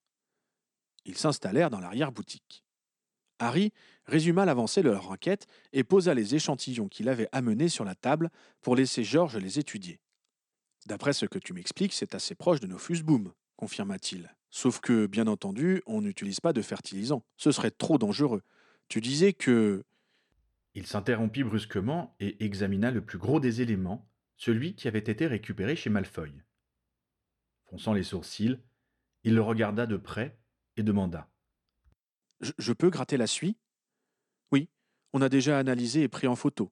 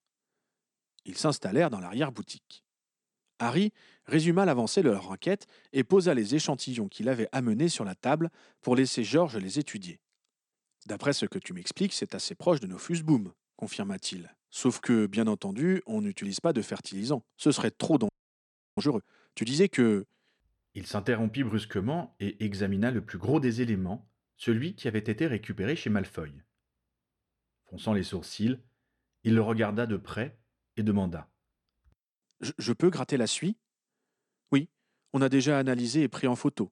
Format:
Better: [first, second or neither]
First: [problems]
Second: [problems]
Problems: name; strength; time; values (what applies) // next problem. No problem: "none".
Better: first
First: none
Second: audio freezing; at 18 s for 0.5 s